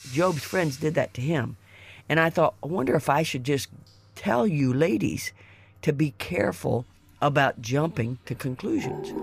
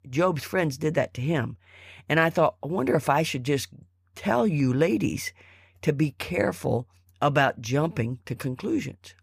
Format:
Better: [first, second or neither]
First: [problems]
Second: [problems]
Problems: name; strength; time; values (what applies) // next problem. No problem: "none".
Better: second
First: household noises; noticeable; throughout; 20 dB below the speech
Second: none